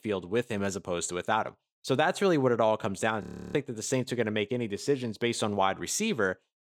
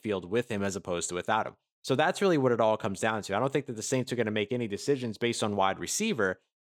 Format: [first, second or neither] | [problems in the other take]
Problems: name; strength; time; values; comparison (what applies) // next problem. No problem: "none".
second | audio freezing; at 3 s